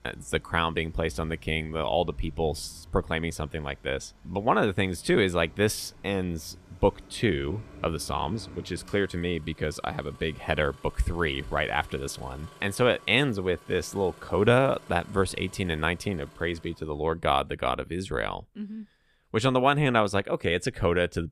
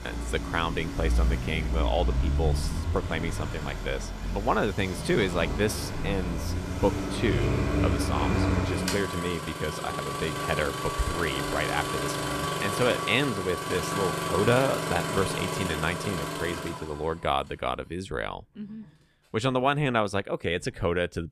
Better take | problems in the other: first | traffic noise; loud; throughout; 1 dB below the speech; faint in the first

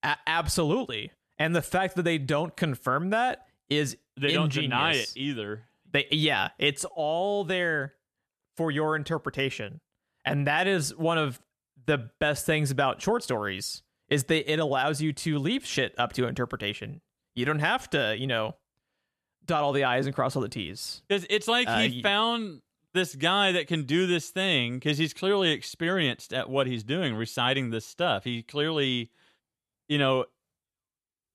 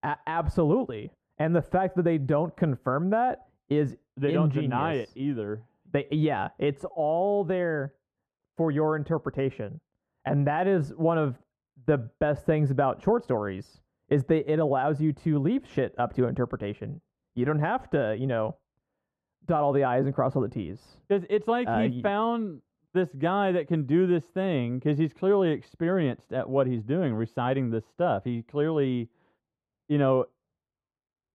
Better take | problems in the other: first | muffled; very; fading above 2 kHz

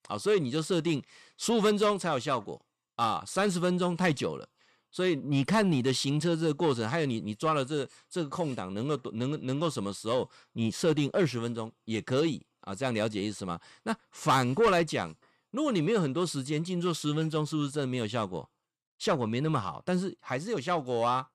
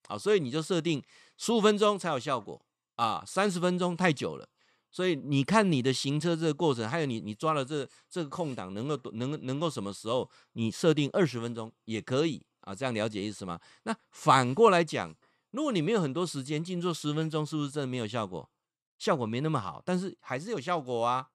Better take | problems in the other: second | distortion; slight; 10 dB below the speech

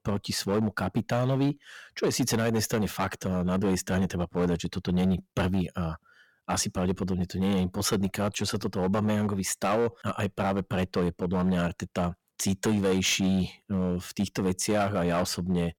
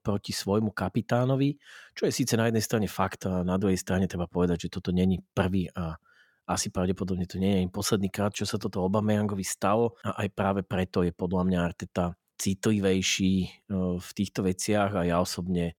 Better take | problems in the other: second | distortion; slight; 7% of the sound clipped

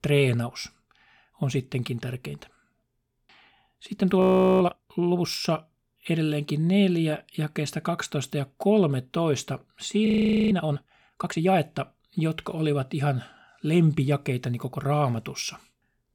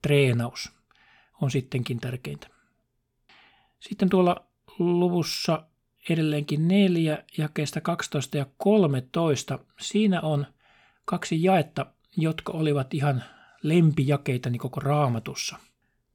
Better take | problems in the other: second | audio freezing; at 4 s and at 10 s

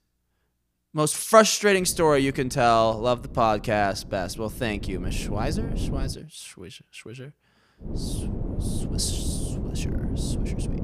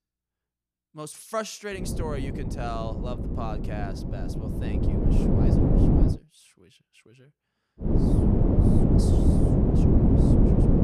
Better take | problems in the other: first | wind noise on the microphone; heavy; from 2 to 6 s and from 8 s on; 5 dB above the speech; occasional gusts in the first

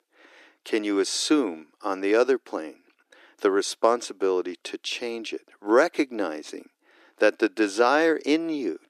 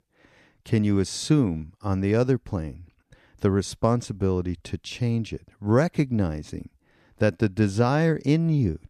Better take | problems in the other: second | thin; very; fading below 300 Hz

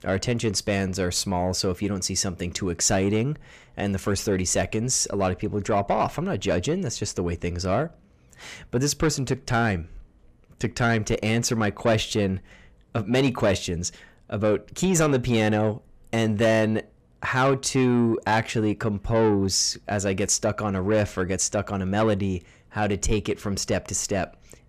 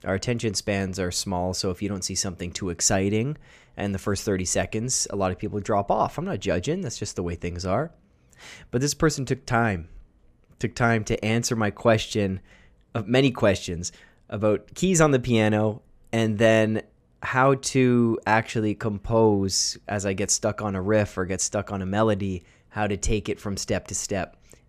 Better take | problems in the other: second | distortion; slight; 10 dB below the speech

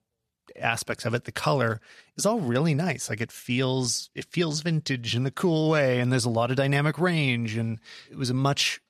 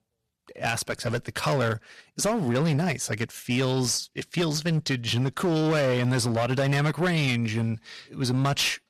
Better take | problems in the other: first | distortion; slight; 15% of the sound clipped

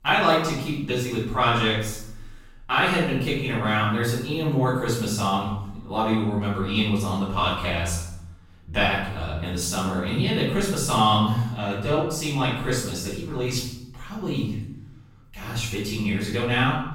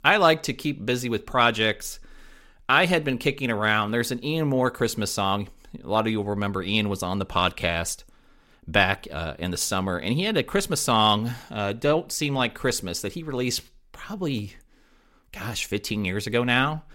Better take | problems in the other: second | off-mic speech; far // room echo; noticeable; dies away in 0.8 s

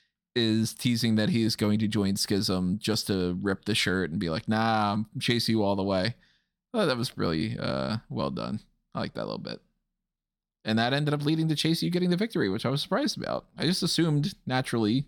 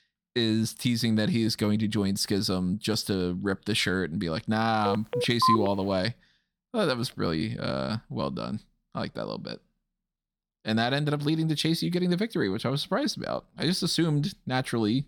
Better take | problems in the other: first | phone ringing; loud; at 5 s; peak 3 dB above the speech

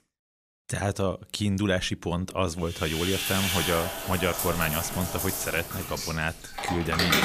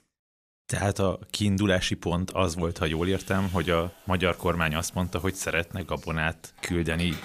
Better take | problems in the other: second | household noises; loud; from 3.5 s on; 1 dB below the speech; faint in the second

